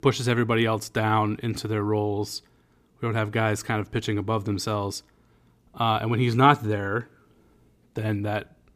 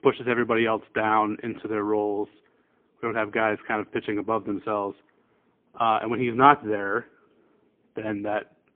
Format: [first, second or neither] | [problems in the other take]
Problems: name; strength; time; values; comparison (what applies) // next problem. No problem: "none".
first | phone-call audio; poor line; nothing above 3.5 kHz